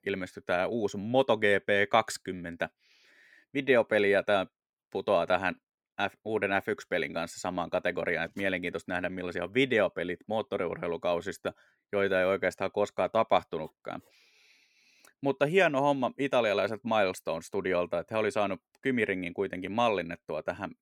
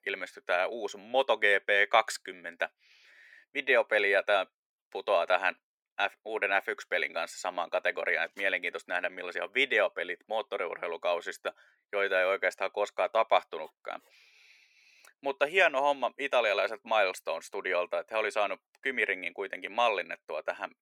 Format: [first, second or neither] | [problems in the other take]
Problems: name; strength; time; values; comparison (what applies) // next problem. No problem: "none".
first | thin; somewhat; fading below 600 Hz